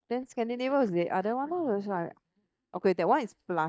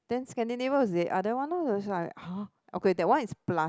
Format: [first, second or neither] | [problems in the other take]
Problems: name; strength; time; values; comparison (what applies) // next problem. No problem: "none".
second | noise reduction (neural mask model DeepFilterNet 3)